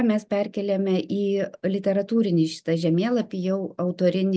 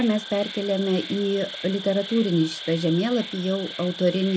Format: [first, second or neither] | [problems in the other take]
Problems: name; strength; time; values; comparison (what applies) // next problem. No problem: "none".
first | background sound (Insect); 13 dB below the speech